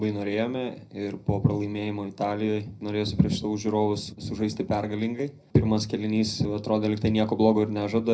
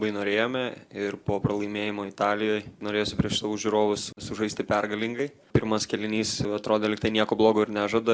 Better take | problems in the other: second | room echo; dies away in 0.4 s

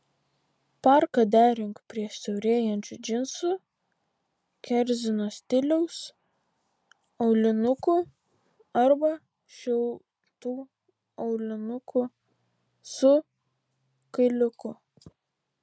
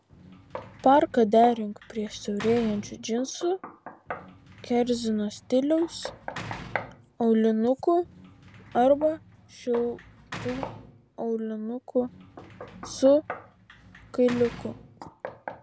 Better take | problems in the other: first | background sound (Sliding door / Slam + Knock); 15 dB below the speech

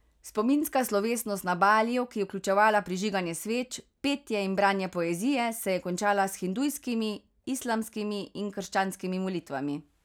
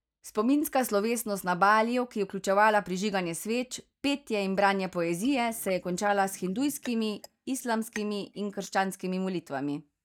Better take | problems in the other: first | noise reduction (neural mask model DeepFilterNet 3)

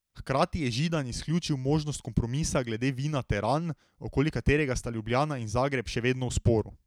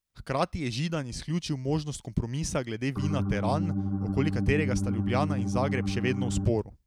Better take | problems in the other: first | background sound (Organ); 1 dB above the speech

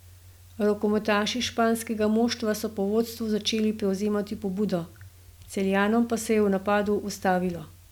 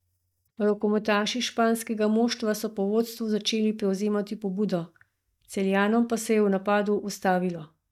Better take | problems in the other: first | noise reduction (neural mask model DeepFilterNet 3)

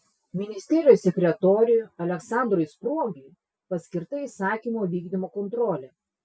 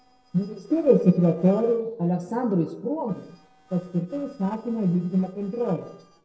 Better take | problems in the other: first | noise reduction (neural separator model SepFormer DNS4)

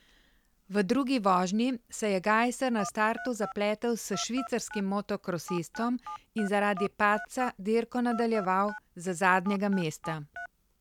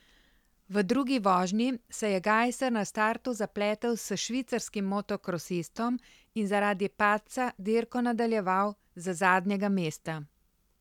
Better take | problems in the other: second | background sound (Telephone); 14 dB below the speech

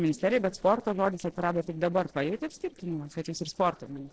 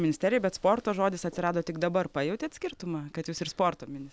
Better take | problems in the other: second | noise reduction (neural separator model SepFormer DNS4)

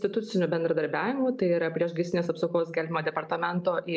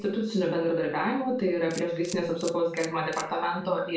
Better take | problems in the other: first | background sound (Camera); 18 dB below the speech // room echo; dies away in 0.3 s

